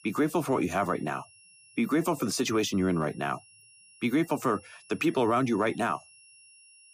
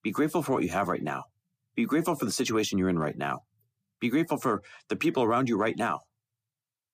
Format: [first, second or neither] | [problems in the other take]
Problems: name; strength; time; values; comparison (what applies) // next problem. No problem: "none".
second | high-pitched whine; faint; throughout; 3 kHz, 25 dB below the speech